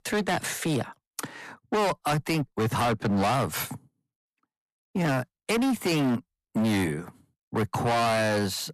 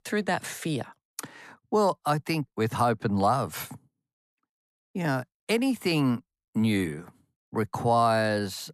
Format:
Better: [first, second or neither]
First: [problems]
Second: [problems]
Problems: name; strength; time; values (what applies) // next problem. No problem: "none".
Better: second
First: distortion; heavy; 19% of the sound clipped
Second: none